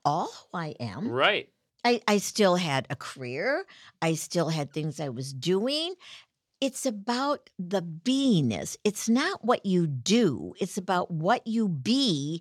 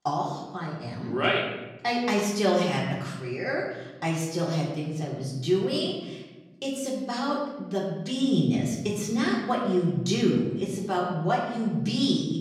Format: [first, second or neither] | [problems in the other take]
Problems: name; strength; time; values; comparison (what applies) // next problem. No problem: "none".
first | off-mic speech; far // room echo; noticeable; dies away in 1.2 s